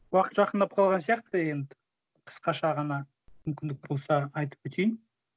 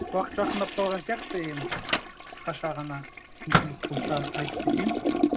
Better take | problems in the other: first | background sound (Toilet flush + Microwave oven); 3 dB above the speech

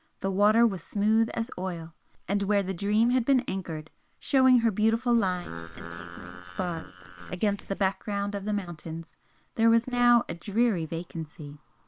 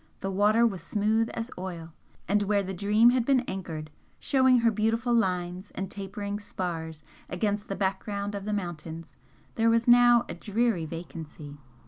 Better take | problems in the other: second | noise reduction (neural separator model SepFormer WHAM!)

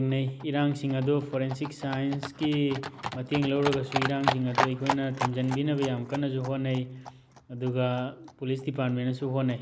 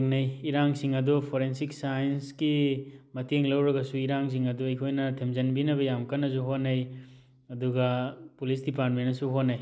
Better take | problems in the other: second | background sound (Livestock, farm animals, working animals); 7 dB below the speech

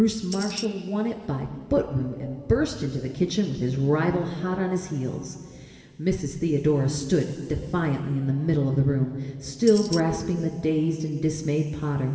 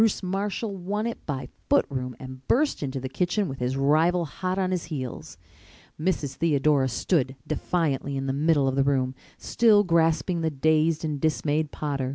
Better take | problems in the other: second | background sound (Tambourine); 10 dB below the speech // room echo; dies away in 2.5 s

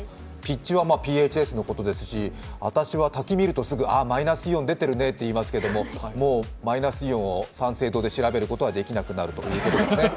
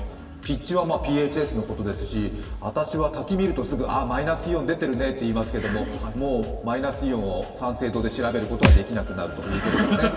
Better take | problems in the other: first | background sound (Thump, thud); 3 dB above the speech // room echo; dies away in 2.7 s

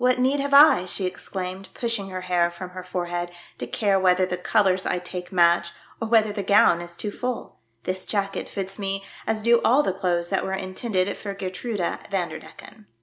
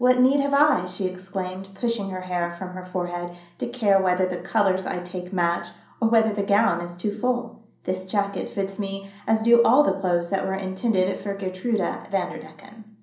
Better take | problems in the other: first | room echo; dies away in 0.6 s

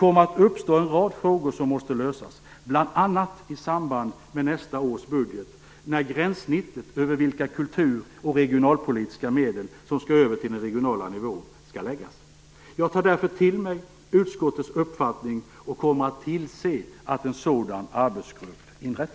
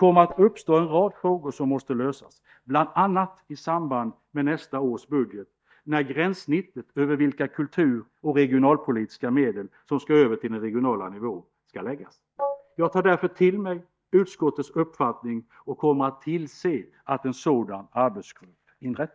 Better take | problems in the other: first | noise reduction (neural mask model DeepFilterNet 3)

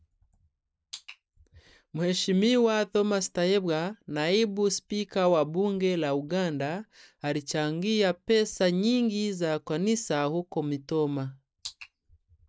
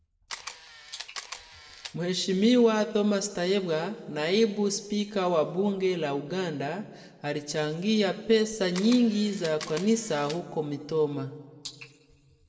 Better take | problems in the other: first | background sound (Camera); 15 dB below the speech // room echo; dies away in 1.3 s

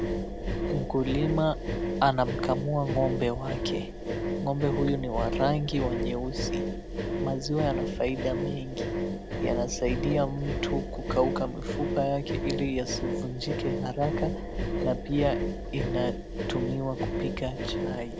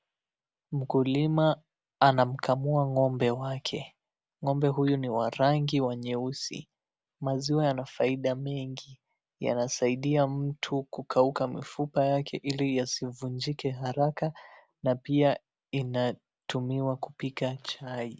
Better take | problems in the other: second | background sound (Engine); 1 dB below the speech

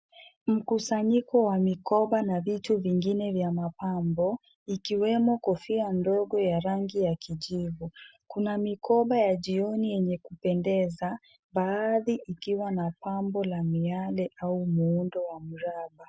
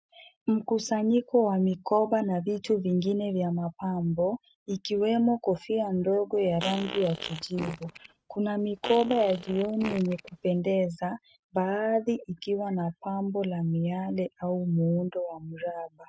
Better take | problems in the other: first | noise reduction (neural mask model RNNoise)

